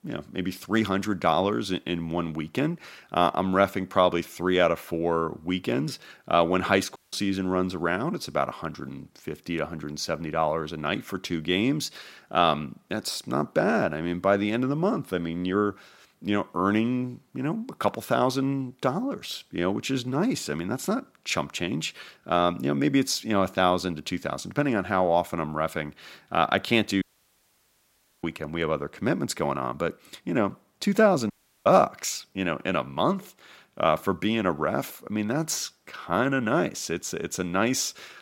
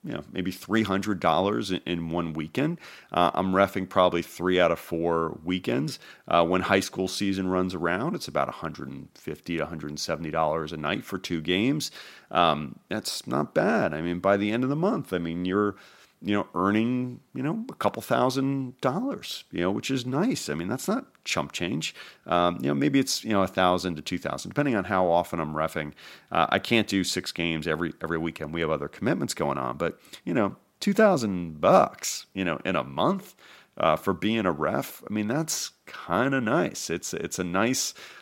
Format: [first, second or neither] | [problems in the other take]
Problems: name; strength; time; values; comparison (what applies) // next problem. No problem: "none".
second | audio cutting out; at 7 s, at 27 s for 1 s and at 31 s